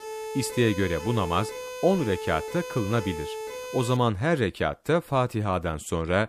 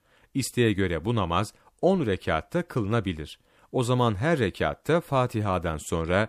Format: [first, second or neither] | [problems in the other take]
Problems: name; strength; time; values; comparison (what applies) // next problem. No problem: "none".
second | siren; noticeable; until 4 s; peak 8 dB below the speech